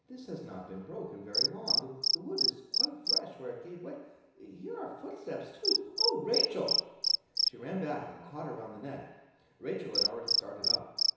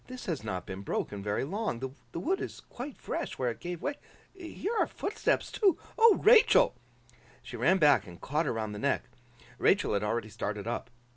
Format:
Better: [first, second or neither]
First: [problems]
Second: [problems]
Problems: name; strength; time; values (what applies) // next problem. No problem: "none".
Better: second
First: background sound (Cricket); 5 dB above the speech // room echo; dies away in 1 s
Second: none